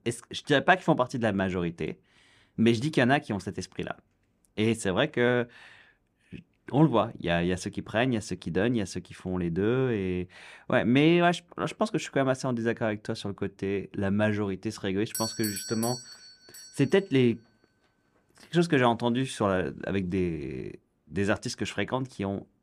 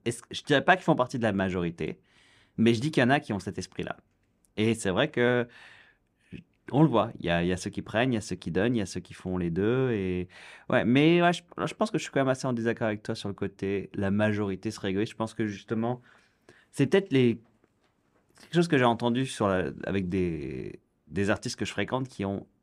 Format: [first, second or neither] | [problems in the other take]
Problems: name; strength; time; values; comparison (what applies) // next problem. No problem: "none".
second | doorbell; noticeable; from 15 to 17 s; peak 4 dB below the speech